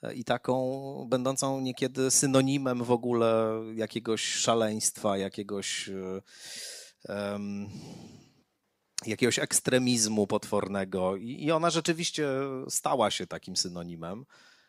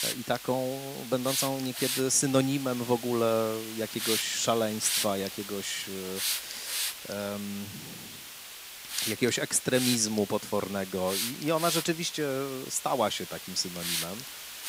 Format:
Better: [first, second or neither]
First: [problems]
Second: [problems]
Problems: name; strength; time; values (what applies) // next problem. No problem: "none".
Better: first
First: none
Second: hiss; loud; throughout; 5 dB below the speech